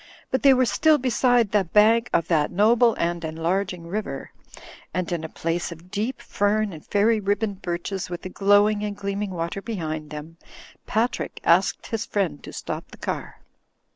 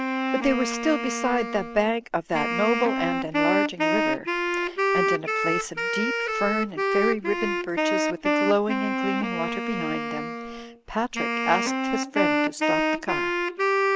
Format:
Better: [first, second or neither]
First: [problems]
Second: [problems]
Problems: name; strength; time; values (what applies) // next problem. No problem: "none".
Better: first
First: none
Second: background sound (Wind instrument, woodwind instrument); 2 dB above the speech